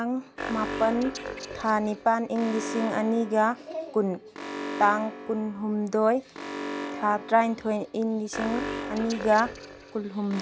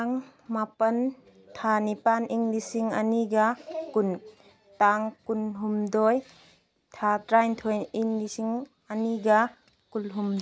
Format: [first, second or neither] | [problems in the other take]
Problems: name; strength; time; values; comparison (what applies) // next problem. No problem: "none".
second | background sound (Alarm); 10 dB below the speech